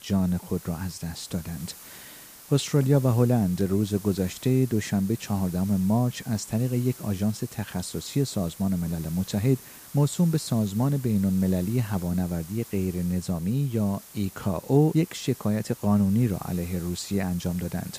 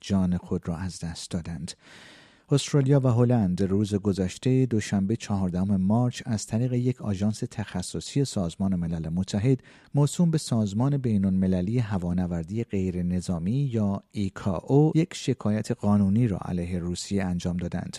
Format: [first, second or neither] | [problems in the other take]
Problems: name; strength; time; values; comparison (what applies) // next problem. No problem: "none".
second | hiss; noticeable; throughout; 15 dB below the speech